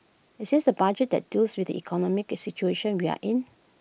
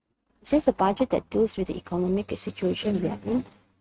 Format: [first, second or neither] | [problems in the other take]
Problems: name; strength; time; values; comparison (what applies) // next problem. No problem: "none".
first | noise reduction (neural mask model RNNoise)